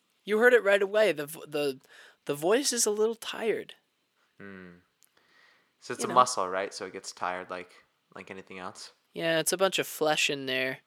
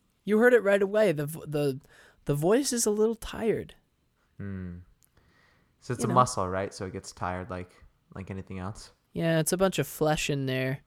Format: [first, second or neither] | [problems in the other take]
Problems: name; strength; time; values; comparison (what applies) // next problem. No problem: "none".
second | thin; somewhat; fading below 300 Hz